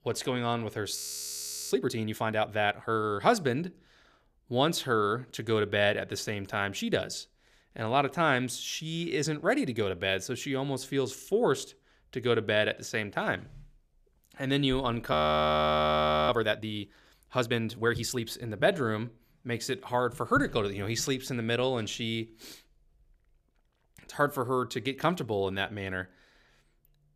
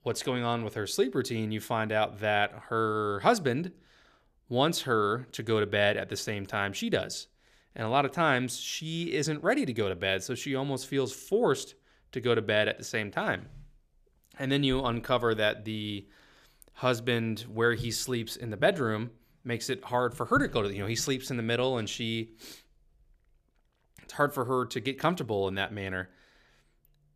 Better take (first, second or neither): second